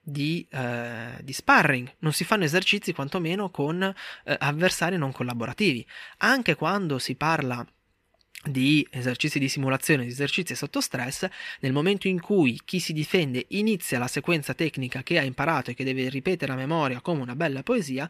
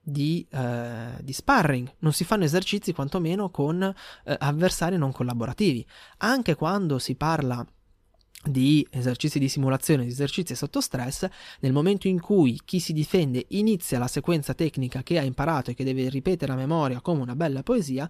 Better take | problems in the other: second | thin; very slightly; fading below 300 Hz

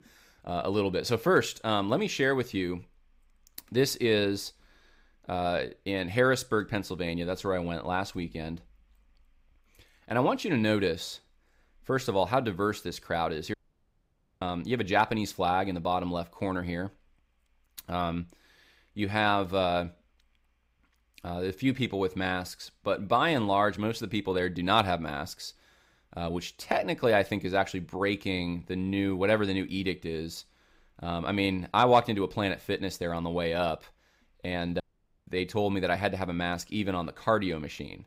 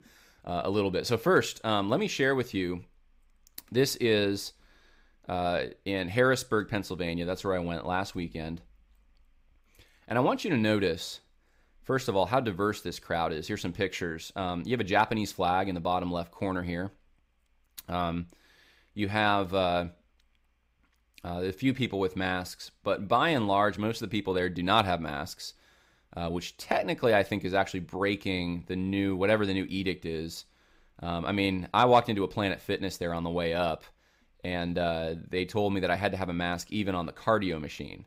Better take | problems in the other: second | audio cutting out; at 14 s for 1 s and at 35 s

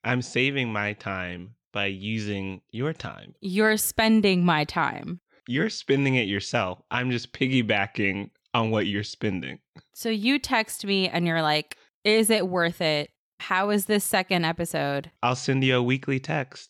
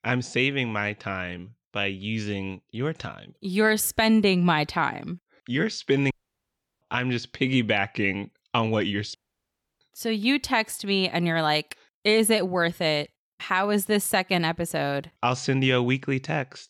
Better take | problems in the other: first | audio cutting out; at 6 s for 0.5 s and at 9 s for 0.5 s

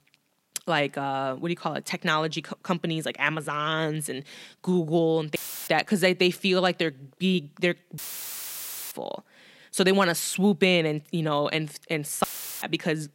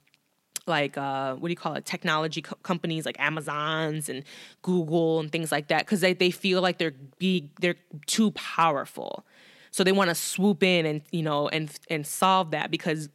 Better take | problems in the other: second | audio cutting out; filled with static; at 5.5 s, at 8 s for 1 s and at 12 s

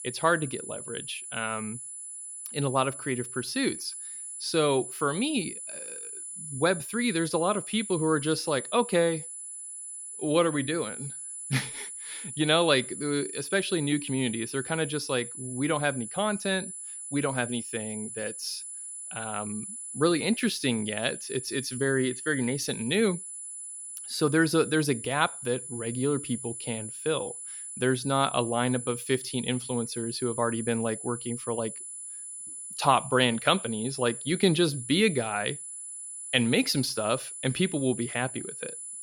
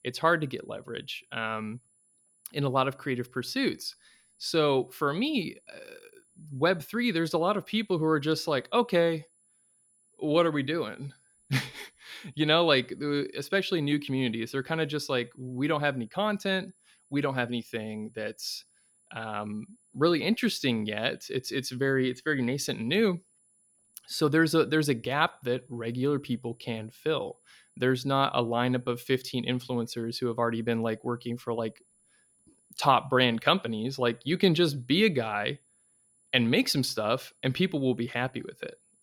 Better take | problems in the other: second | high-pitched whine; loud; throughout; 10 kHz, 8 dB below the speech; faint in the second

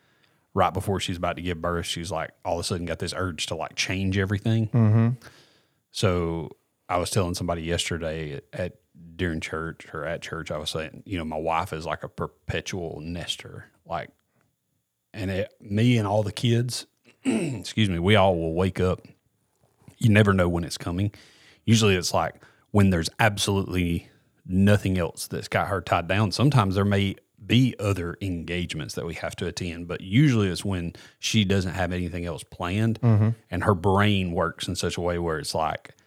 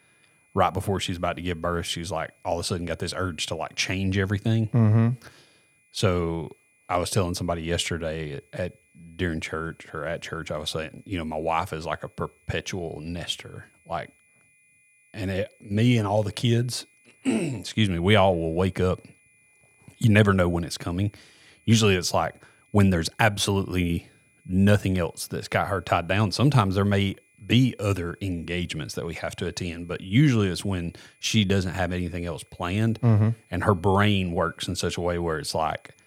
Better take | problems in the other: first | high-pitched whine; faint; throughout; 2.5 kHz, 35 dB below the speech

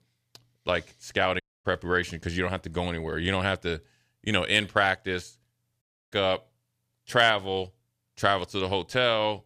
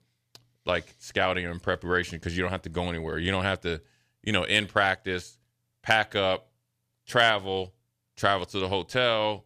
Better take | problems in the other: second | audio cutting out; at 1.5 s and at 6 s

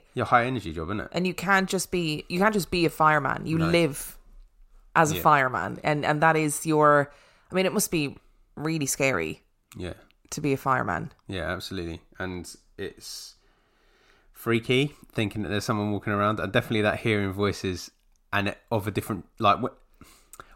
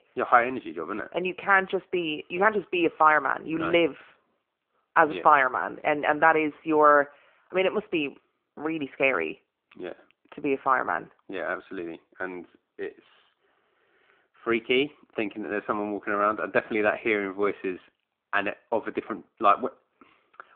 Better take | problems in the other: first | phone-call audio

